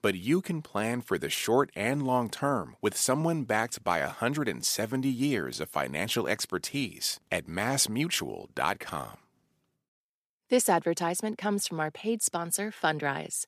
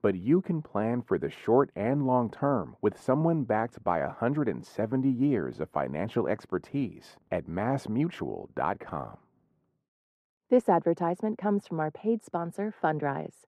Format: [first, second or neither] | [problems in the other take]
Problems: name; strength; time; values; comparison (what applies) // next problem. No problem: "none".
first | muffled; very; fading above 2.5 kHz